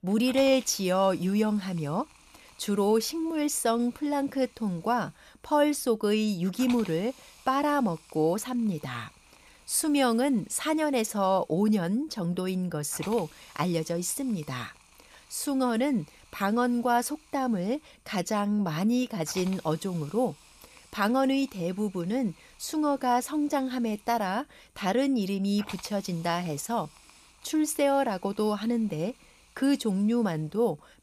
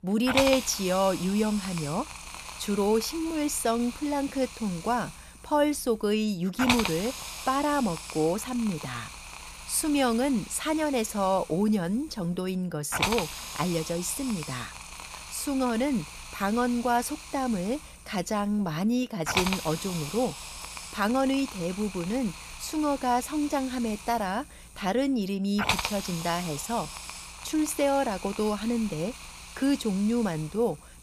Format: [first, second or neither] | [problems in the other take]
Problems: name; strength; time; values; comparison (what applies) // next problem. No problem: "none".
first | hiss; loud; throughout; 8 dB below the speech; faint in the first